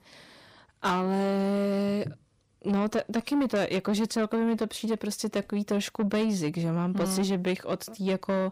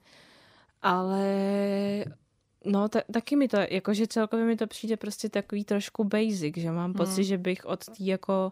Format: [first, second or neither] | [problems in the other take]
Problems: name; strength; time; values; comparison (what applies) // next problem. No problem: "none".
second | distortion; slight; 10 dB below the speech